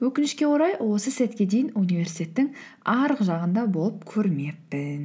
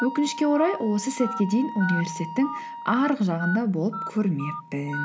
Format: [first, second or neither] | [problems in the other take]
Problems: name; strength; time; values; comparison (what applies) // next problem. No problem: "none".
first | background sound (Telephone + Wind instrument, woodwind instrument); 9 dB below the speech